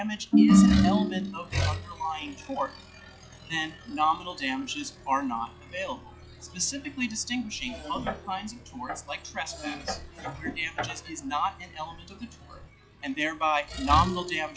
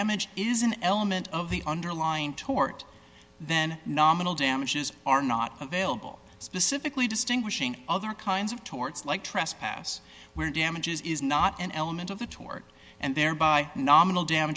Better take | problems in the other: second | noise reduction (classical method log-MMSE)

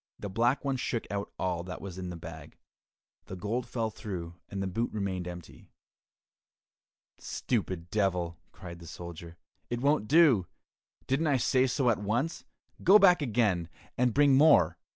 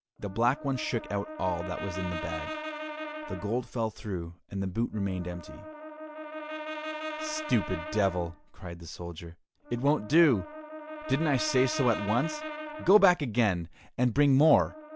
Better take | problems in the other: first | background sound (Brass instrument); 11 dB below the speech

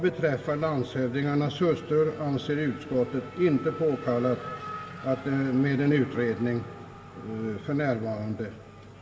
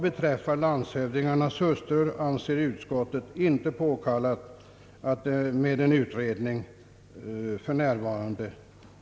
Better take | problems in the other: second | background sound (Race car, auto racing / Accelerating, revving, vroom); 16 dB below the speech // room echo; dies away in 1.9 s

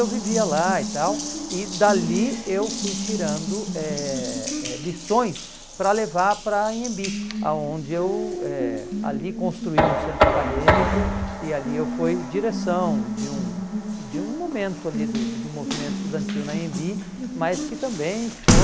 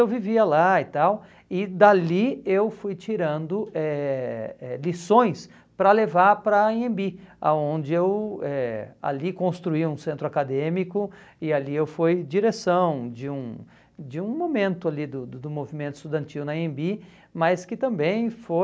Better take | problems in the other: second | background sound (Knock + Water tap, faucet); 1 dB above the speech

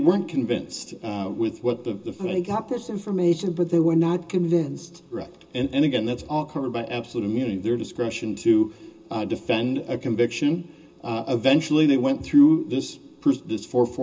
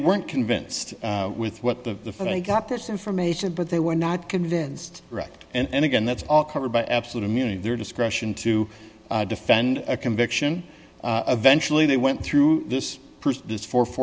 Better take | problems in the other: second | room echo; dies away in 0.2 s

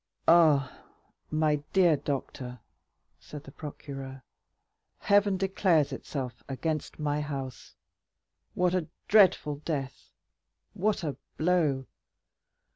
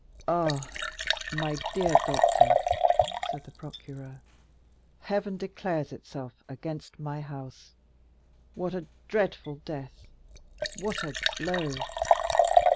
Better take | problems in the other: first | background sound (Liquid); 5 dB above the speech

